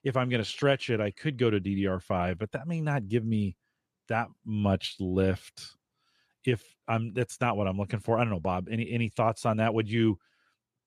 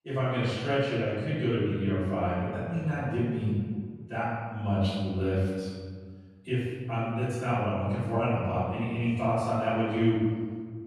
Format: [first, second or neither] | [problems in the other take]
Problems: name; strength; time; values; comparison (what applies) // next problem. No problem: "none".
first | room echo; strong; dies away in 1.7 s // off-mic speech; far